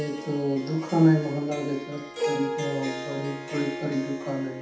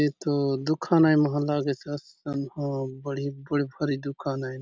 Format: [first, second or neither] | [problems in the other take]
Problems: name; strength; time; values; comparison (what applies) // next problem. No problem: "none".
second | background sound (Harp); 7 dB below the speech // room echo; dies away in 0.7 s